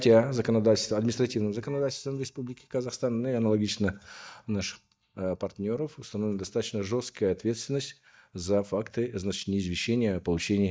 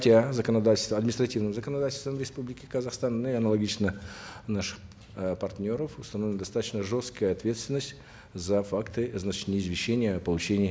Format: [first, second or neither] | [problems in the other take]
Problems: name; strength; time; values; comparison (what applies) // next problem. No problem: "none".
second | noise reduction (neural mask model DeepFilterNet 3)